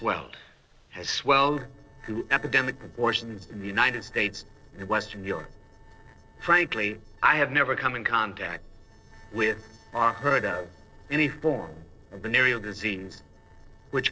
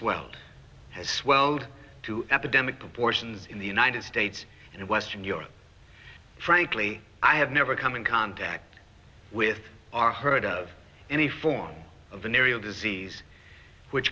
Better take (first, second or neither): second